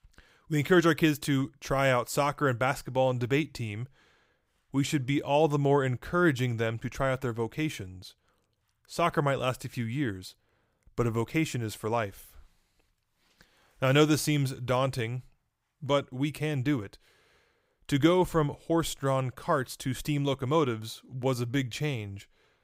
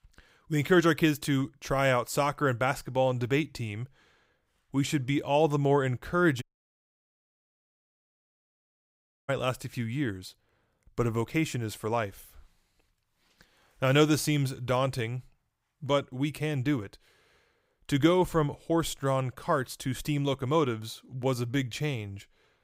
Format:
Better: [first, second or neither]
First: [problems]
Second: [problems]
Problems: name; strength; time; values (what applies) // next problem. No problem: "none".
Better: first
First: none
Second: audio cutting out; at 6.5 s for 3 s